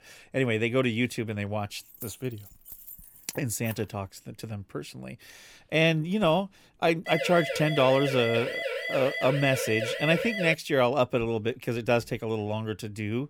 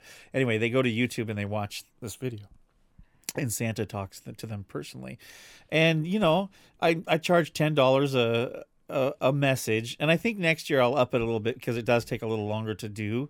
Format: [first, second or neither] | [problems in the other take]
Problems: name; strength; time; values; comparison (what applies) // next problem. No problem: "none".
second | jangling keys; faint; from 2 to 4 s; peak 15 dB below the speech // siren; noticeable; from 7 to 11 s; peak 4 dB below the speech